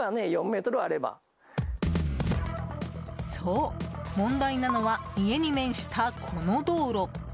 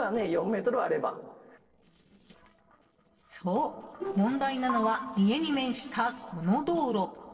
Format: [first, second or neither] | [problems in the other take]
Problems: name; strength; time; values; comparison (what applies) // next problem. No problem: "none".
first | noise reduction (neural separator model SepFormer DNS4)